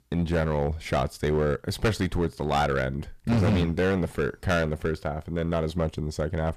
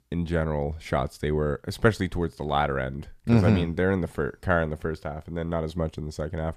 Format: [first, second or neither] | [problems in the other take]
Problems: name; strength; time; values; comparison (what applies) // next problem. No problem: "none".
second | distortion; heavy; 9% of the sound clipped